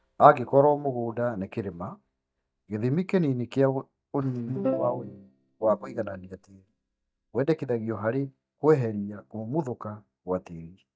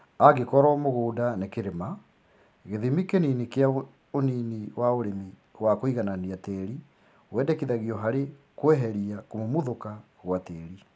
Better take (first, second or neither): second